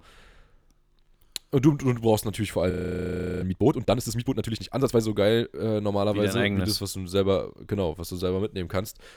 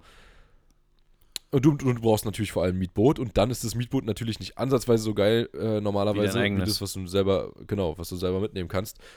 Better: second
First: audio freezing; at 2.5 s for 0.5 s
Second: none

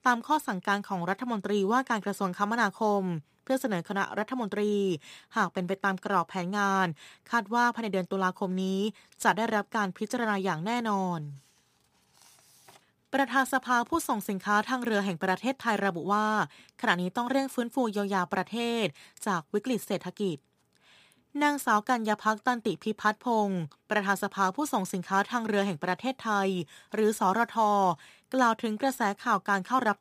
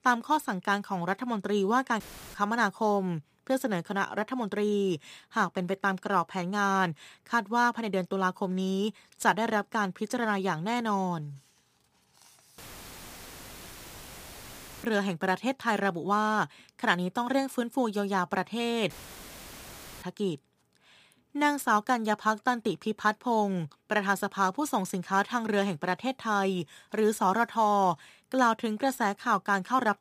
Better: first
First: none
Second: audio cutting out; filled with static; at 2 s, at 13 s for 2.5 s and at 19 s for 1 s

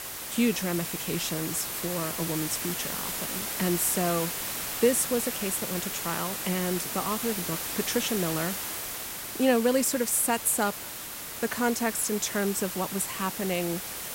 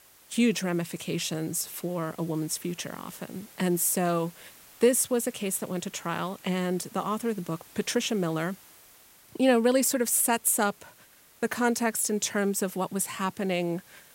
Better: second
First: hiss; loud; throughout; 3 dB below the speech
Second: hiss; faint; throughout; 25 dB below the speech

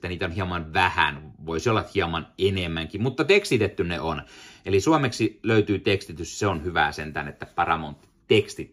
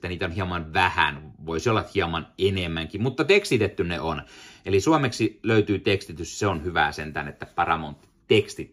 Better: neither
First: none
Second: none

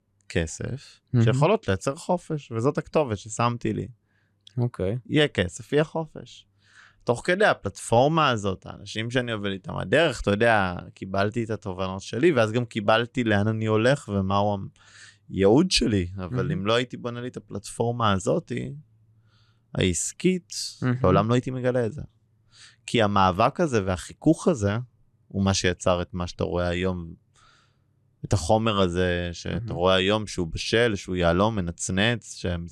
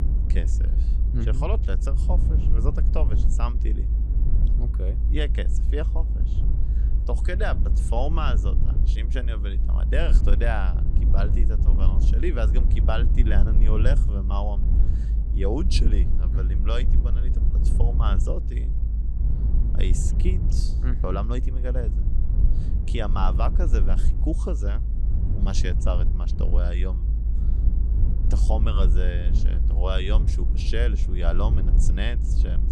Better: first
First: none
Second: low rumble; loud; throughout; 8 dB below the speech

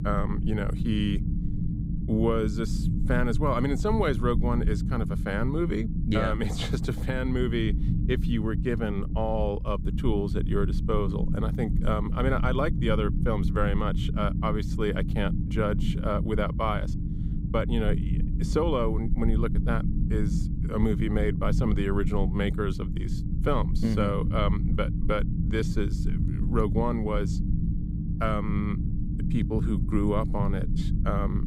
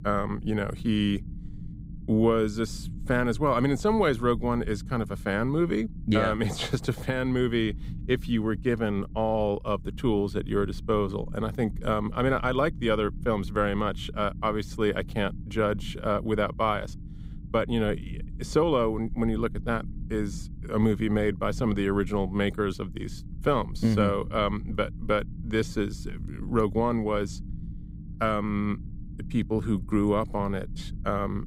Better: second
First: low rumble; loud; throughout; 9 dB below the speech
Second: low rumble; faint; throughout; 20 dB below the speech

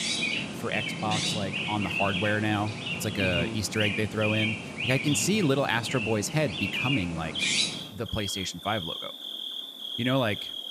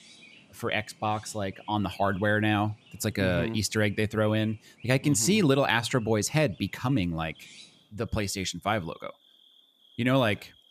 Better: second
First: animal sounds; loud; throughout; 1 dB below the speech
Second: animal sounds; faint; throughout; 25 dB below the speech

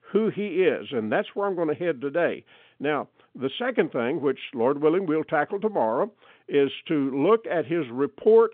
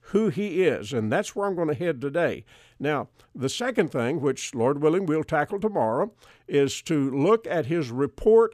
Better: second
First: phone-call audio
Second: none

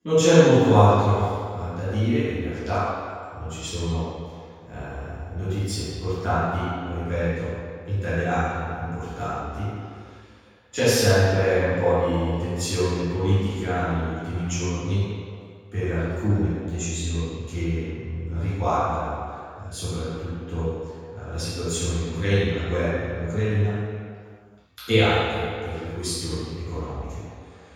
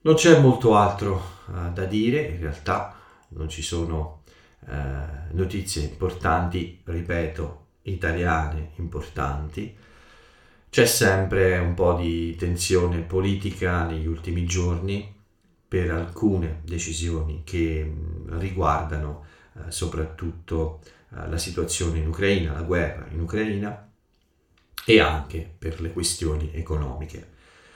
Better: second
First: room echo; strong; dies away in 1.8 s // off-mic speech; far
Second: room echo; slight; dies away in 0.4 s // off-mic speech; somewhat distant

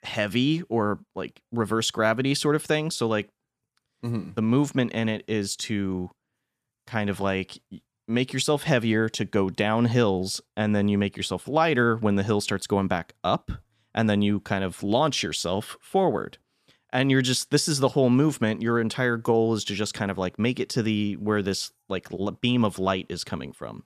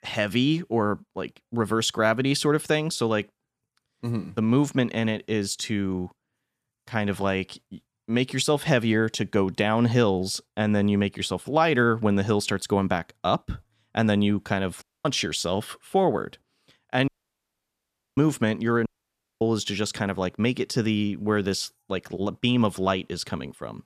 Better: first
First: none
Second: audio cutting out; at 15 s, at 17 s for 1 s and at 19 s for 0.5 s

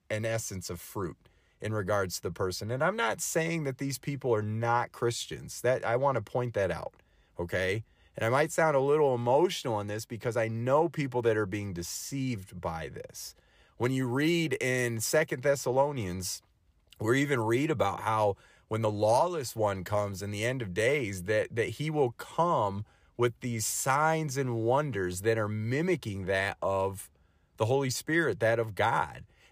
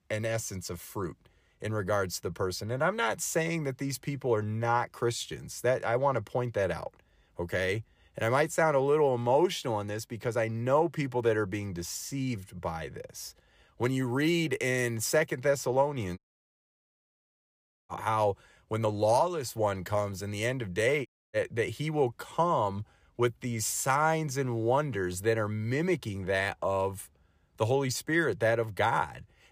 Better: first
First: none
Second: audio cutting out; at 16 s for 1.5 s and at 21 s

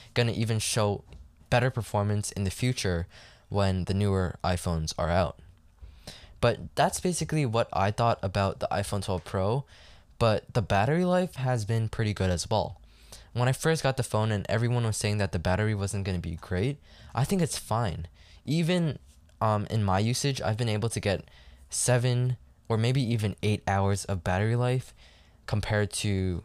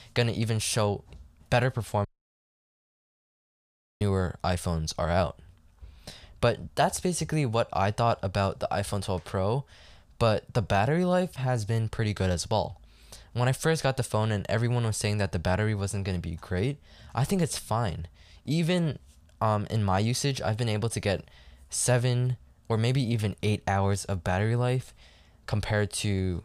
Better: first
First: none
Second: audio cutting out; at 2 s for 2 s

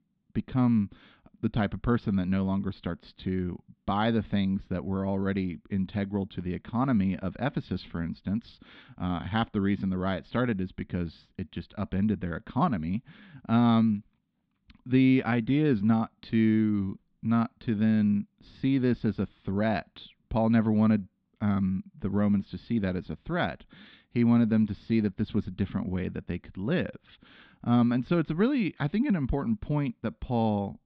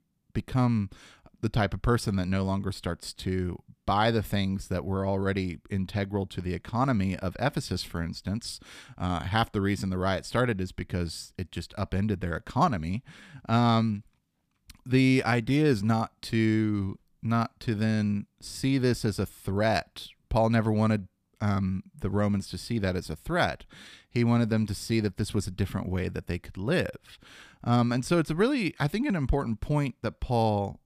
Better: second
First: muffled; slightly; fading above 3.5 kHz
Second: none

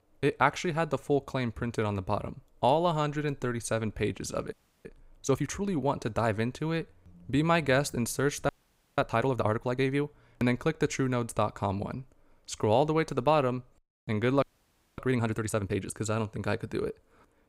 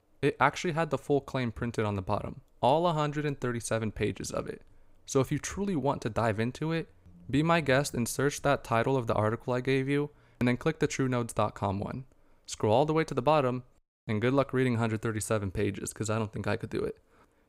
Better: second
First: audio freezing; at 4.5 s, at 8.5 s and at 14 s for 0.5 s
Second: none

